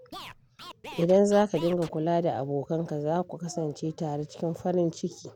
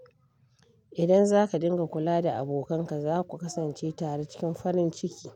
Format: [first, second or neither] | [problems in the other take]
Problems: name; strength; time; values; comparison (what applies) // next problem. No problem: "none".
second | background sound (Scratching (performance technique)); 16 dB below the speech